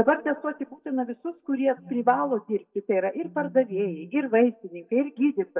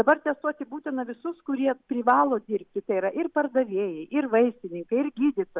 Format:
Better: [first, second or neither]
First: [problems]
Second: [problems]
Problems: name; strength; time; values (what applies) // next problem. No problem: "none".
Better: second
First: noise reduction (neural mask model DeepFilterNet 3)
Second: none